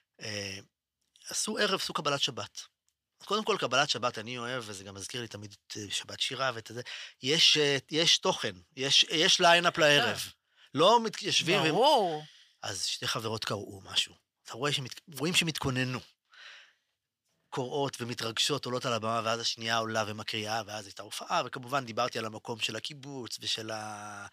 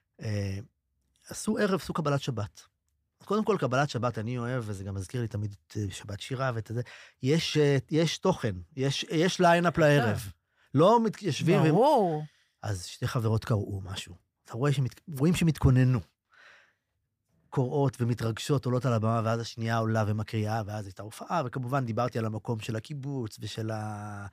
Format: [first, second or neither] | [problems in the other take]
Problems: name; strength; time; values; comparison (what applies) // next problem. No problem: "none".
second | thin; somewhat; fading below 1 kHz